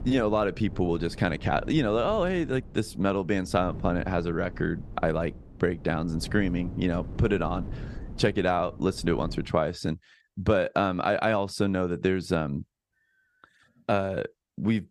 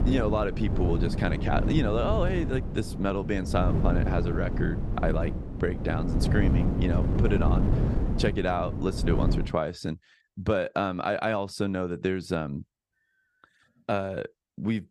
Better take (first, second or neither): first